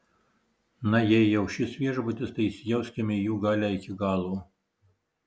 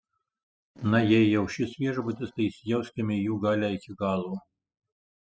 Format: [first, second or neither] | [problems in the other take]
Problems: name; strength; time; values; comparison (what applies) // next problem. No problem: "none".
first | noise reduction (classical method spectral subtraction)